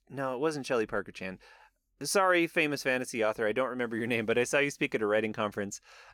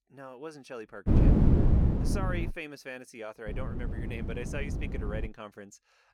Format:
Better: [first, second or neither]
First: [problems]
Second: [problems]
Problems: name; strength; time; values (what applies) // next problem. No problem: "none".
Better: first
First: none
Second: wind noise on the microphone; heavy; from 1 to 2.5 s and from 3.5 to 5.5 s; 3 dB above the speech